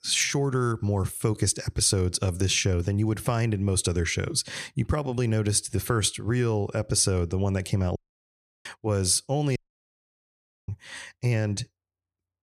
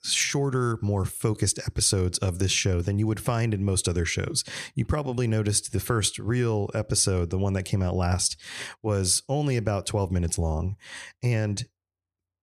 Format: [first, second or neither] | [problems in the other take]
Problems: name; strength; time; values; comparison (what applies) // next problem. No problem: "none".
second | audio cutting out; at 8 s for 0.5 s and at 9.5 s for 1 s